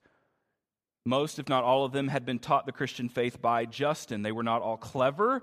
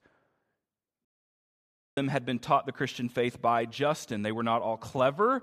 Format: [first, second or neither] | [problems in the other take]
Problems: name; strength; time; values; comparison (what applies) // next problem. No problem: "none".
first | audio cutting out; at 1 s for 1 s